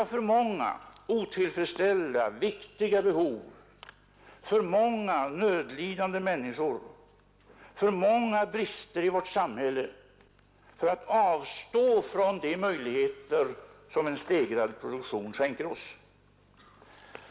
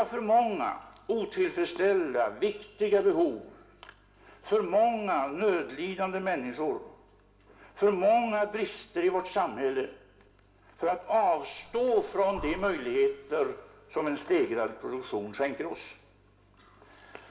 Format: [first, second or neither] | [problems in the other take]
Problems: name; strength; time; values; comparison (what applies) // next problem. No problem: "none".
first | background sound (Breathing); 17 dB below the speech // room echo; dies away in 0.7 s